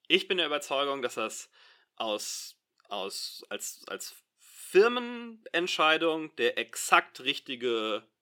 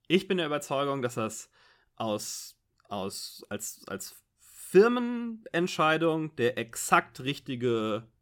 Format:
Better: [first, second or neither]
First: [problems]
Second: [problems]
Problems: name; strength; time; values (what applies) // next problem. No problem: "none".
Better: second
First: thin; somewhat; fading below 400 Hz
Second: none